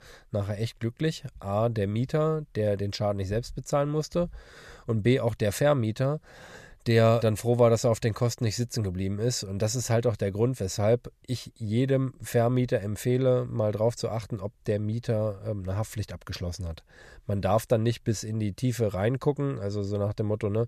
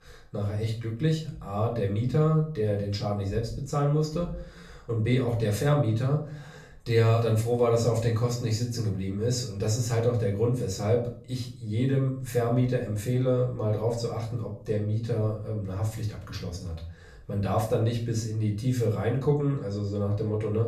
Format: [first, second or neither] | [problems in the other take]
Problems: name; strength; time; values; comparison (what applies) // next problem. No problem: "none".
first | off-mic speech; far // room echo; slight; dies away in 0.4 s